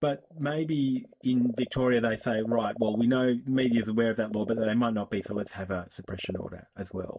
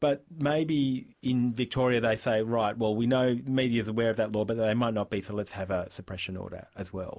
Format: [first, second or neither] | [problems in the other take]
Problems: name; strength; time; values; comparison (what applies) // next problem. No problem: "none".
second | noise reduction (neural mask model DeepFilterNet 3)